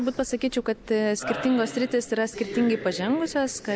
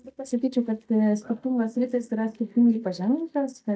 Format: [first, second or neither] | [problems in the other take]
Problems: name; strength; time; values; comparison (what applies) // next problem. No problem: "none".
first | noise reduction (neural mask model DeepFilterNet 3)